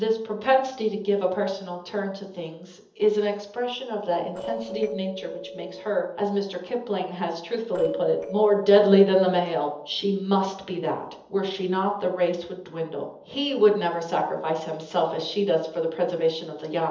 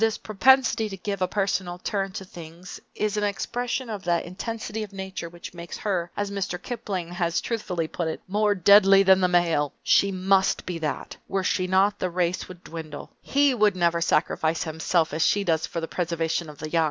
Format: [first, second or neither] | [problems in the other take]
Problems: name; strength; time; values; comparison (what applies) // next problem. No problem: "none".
second | noise reduction (neural separator model SepFormer DNS4)